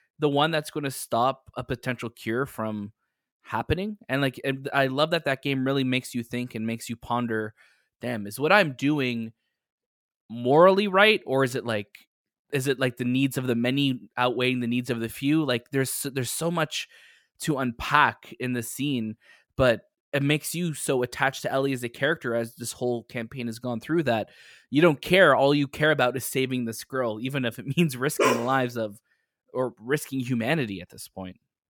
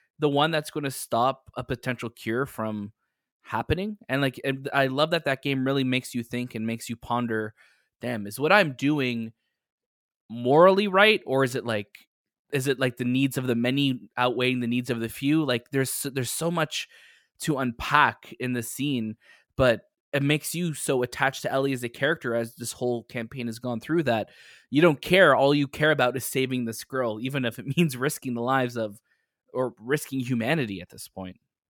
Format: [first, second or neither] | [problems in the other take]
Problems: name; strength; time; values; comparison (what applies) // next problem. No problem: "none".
second | dog barking; loud; at 28 s; peak 2 dB above the speech